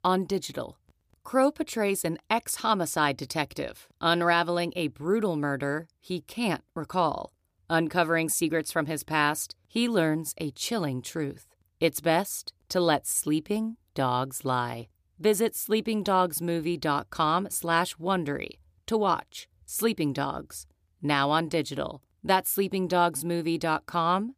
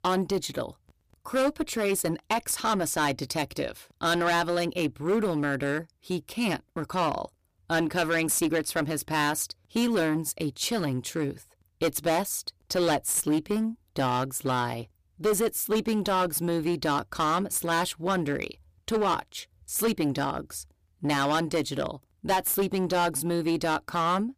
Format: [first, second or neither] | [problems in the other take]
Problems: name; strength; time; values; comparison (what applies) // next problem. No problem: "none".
first | distortion; heavy; 9% of the sound clipped